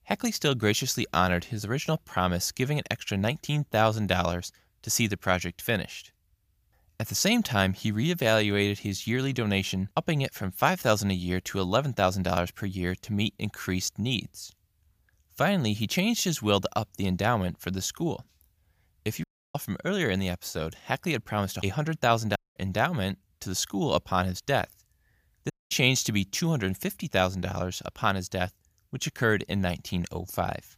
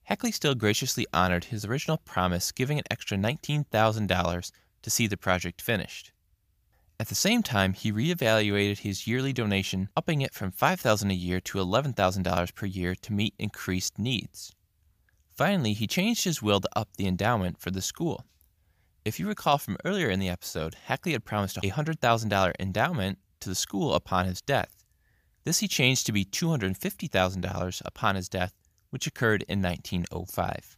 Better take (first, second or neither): second